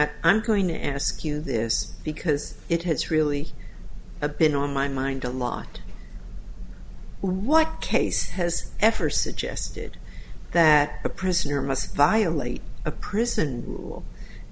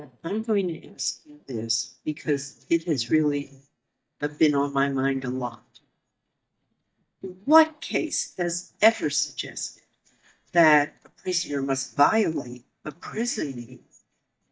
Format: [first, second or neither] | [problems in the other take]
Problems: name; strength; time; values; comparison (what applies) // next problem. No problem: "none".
first | noise reduction (neural mask model DeepFilterNet 3)